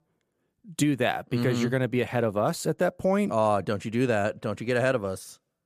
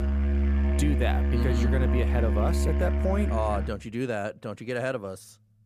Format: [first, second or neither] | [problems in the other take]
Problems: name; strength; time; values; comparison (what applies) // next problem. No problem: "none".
first | background music; very loud; throughout; 5 dB above the speech